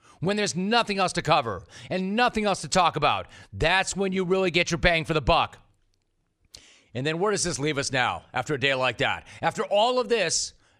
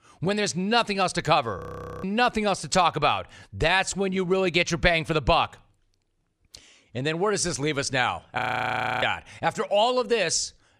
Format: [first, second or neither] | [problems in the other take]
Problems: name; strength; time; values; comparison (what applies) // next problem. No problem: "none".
first | audio freezing; at 1.5 s and at 8.5 s for 0.5 s